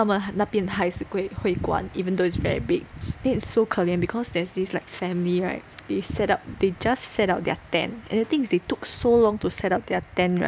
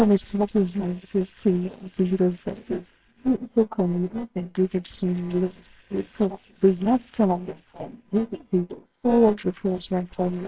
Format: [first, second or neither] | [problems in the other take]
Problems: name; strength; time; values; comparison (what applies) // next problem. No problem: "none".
first | noise reduction (neural separator model SepFormer WHAMR!)